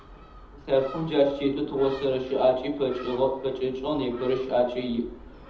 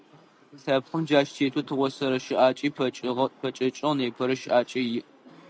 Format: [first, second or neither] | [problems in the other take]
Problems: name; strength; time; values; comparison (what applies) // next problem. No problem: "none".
second | background sound (Gull, seagull); 19 dB below the speech // room echo; dies away in 0.7 s